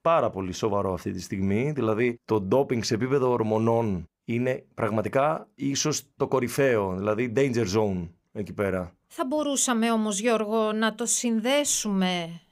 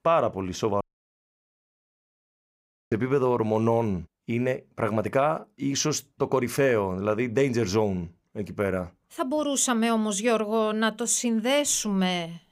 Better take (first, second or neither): first